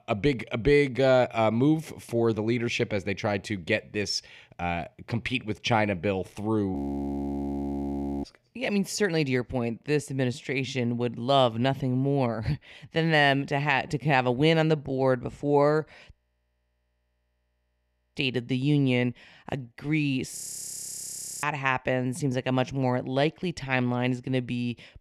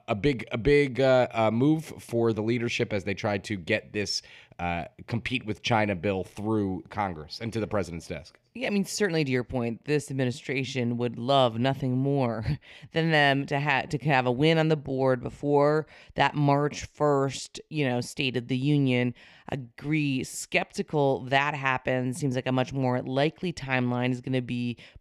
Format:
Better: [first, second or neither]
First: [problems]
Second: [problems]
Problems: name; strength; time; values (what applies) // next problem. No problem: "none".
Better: second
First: audio freezing; at 7 s for 1.5 s, at 16 s for 2 s and at 20 s for 1 s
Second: none